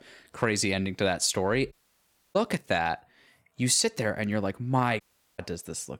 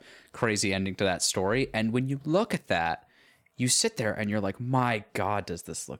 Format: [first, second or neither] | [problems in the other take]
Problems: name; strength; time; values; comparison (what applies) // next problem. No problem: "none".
second | audio cutting out; at 1.5 s for 0.5 s and at 5 s